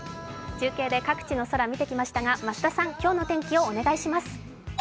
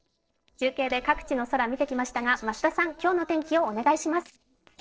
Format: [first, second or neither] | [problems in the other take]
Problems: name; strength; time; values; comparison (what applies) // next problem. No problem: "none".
first | noise reduction (neural separator model SepFormer DNS4)